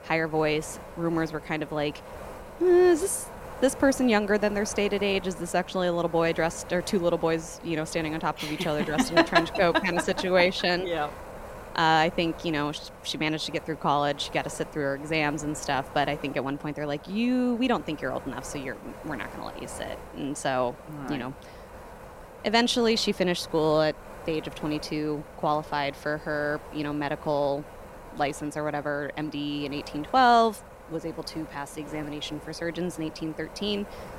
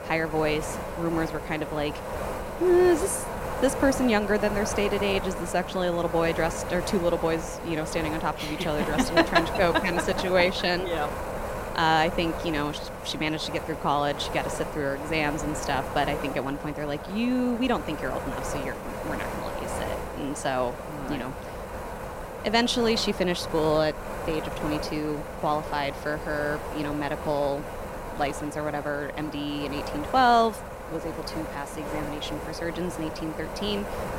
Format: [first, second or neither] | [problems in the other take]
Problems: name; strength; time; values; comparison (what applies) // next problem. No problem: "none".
first | wind noise on the microphone; heavy; 7 dB below the speech; occasional gusts in the first